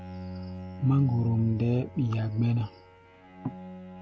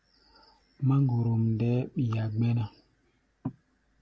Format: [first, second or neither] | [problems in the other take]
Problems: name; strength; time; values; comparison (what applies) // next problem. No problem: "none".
second | background sound (Bowed string instrument); 13 dB below the speech